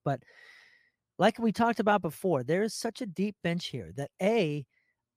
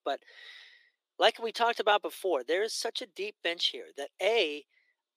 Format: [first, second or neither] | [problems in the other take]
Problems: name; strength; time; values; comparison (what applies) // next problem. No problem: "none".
first | thin; very; fading below 350 Hz